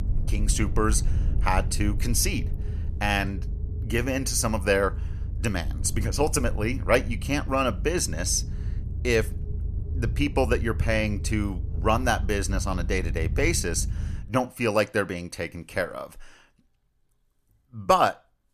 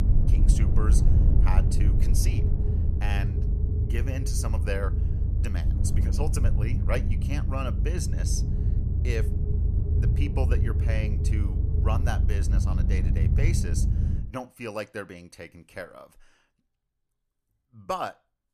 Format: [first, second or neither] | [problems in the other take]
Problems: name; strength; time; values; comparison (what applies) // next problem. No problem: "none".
first | low rumble; loud; until 14 s; 4 dB below the speech; faint in the first